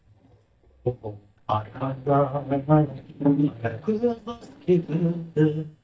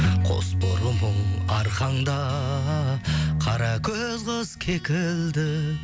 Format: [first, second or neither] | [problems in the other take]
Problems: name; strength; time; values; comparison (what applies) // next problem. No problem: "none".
second | noise reduction (neural mask model DeepFilterNet 3)